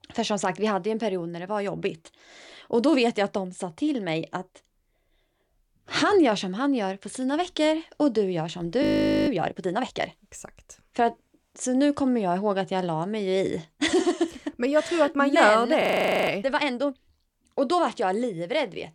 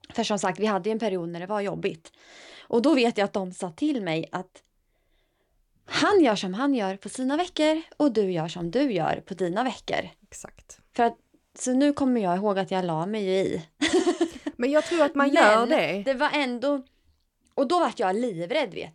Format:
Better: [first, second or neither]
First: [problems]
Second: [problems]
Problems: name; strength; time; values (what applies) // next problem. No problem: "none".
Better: second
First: audio freezing; at 9 s and at 16 s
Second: none